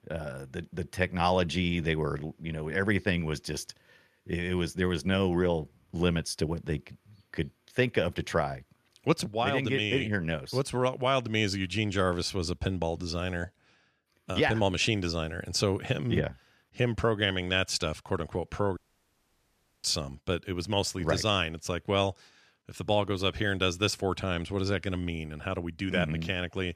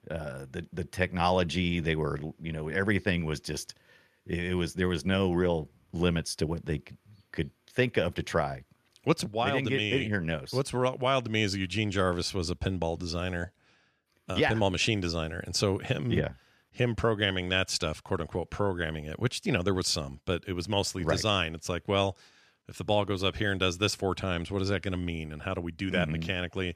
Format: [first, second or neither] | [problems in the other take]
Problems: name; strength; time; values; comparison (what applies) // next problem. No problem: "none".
second | audio cutting out; at 19 s for 1 s